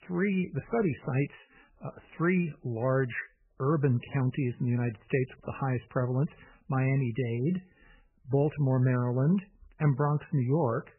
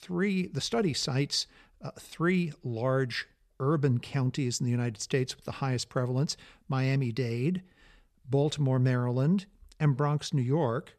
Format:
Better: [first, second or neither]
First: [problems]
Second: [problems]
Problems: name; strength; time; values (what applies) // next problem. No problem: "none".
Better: second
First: garbled, watery; badly; nothing above 3 kHz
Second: none